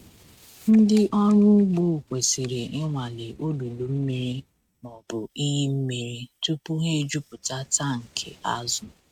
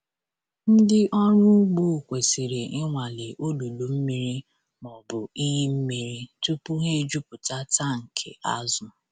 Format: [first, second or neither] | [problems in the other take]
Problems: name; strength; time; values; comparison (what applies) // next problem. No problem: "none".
second | noise reduction (neural mask model RNNoise)